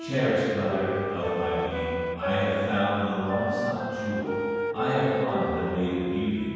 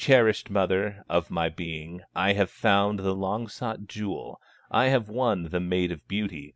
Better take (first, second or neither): second